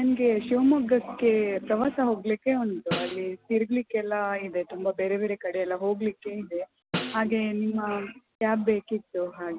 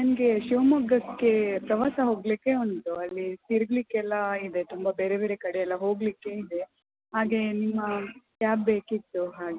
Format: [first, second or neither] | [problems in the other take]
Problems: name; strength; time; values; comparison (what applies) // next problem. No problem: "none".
second | background sound (Snare drum); 11 dB below the speech